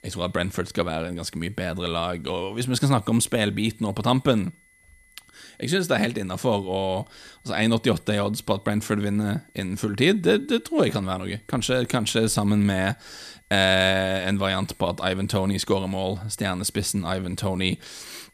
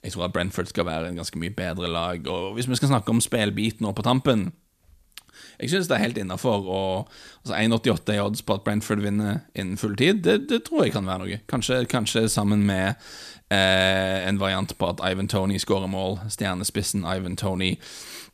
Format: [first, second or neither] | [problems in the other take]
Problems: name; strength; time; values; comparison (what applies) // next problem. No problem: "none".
second | high-pitched whine; faint; throughout; 2 kHz, 35 dB below the speech